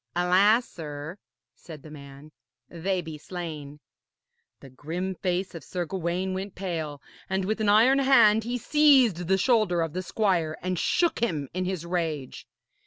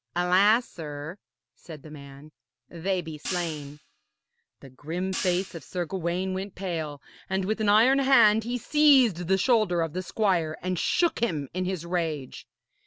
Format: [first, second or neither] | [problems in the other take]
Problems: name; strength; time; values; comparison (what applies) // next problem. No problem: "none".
first | background sound (Hi-hat); 13 dB below the speech